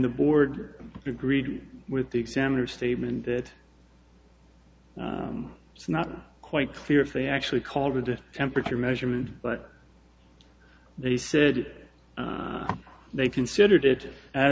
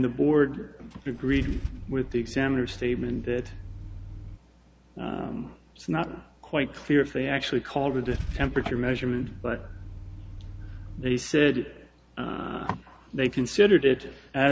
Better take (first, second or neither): first